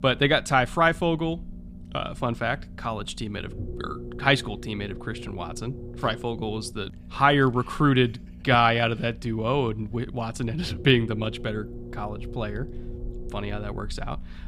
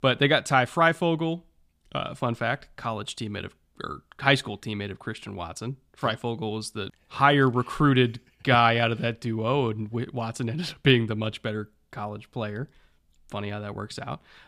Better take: second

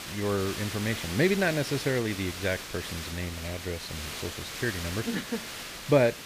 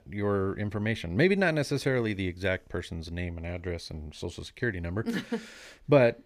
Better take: second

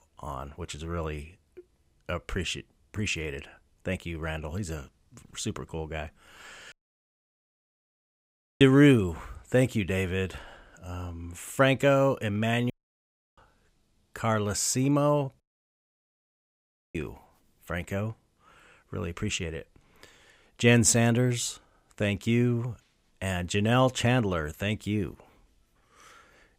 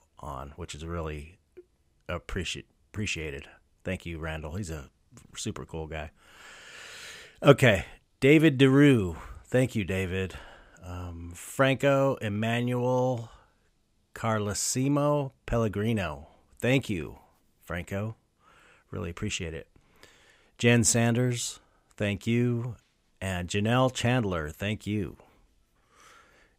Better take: second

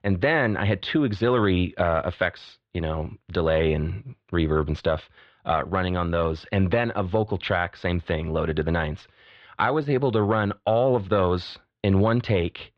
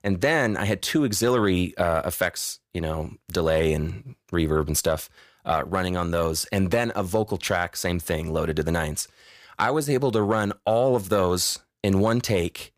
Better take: second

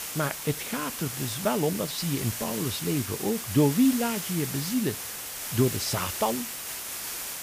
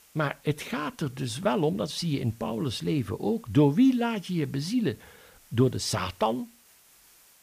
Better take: second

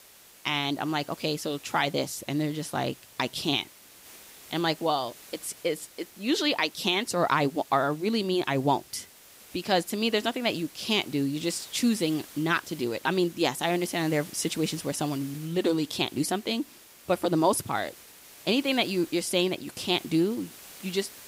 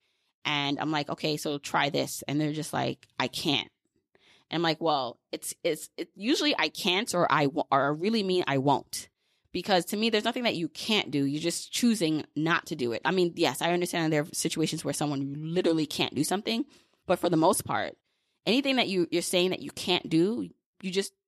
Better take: second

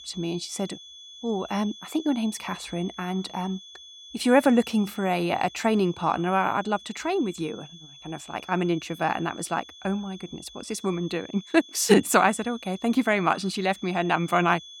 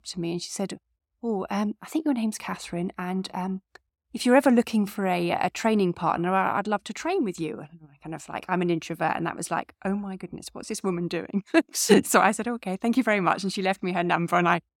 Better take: second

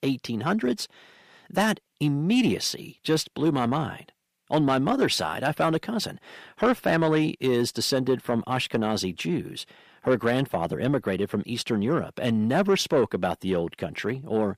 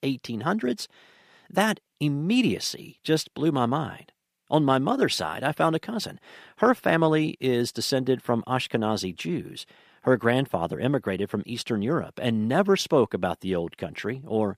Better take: second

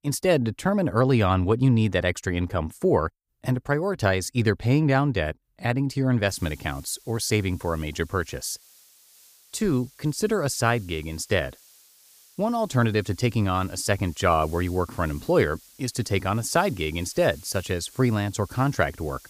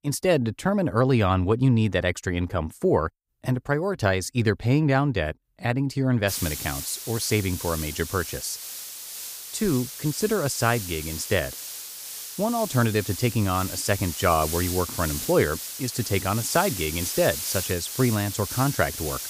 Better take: first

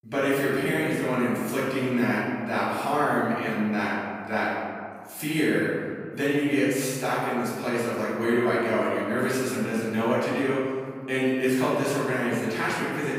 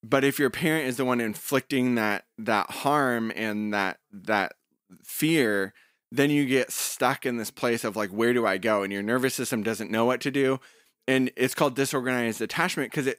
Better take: second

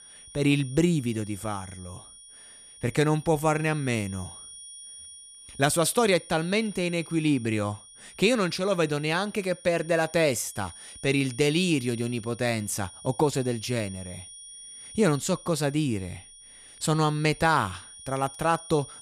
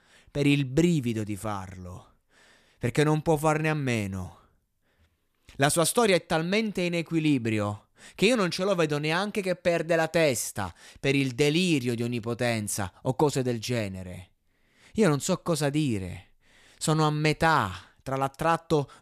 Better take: second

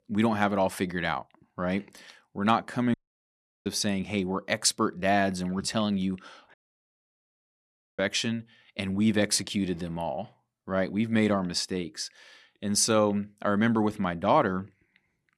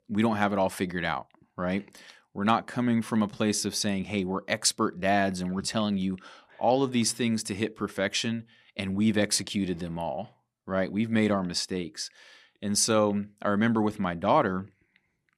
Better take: second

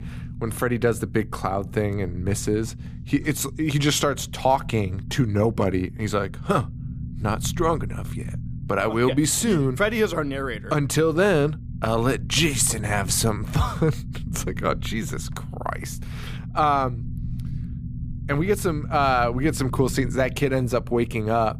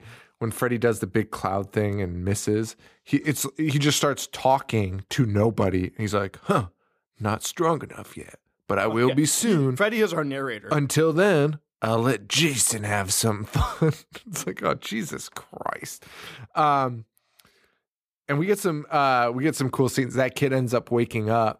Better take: second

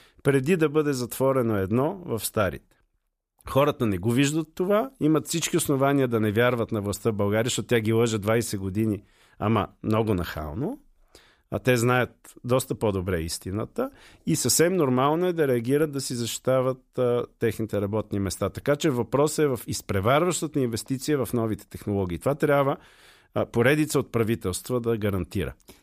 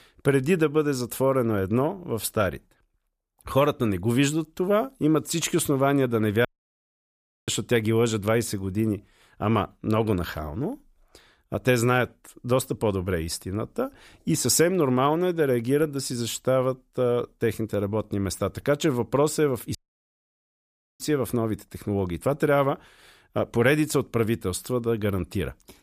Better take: first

